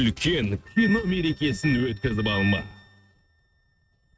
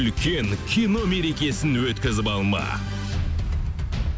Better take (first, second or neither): second